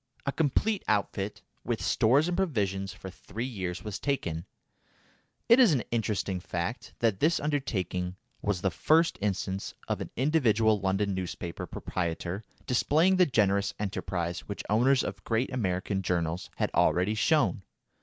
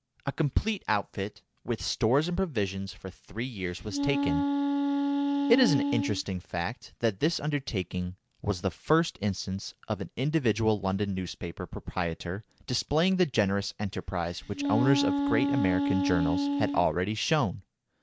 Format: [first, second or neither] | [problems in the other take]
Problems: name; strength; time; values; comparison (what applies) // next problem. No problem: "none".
first | background sound (Wind instrument, woodwind instrument); 1 dB above the speech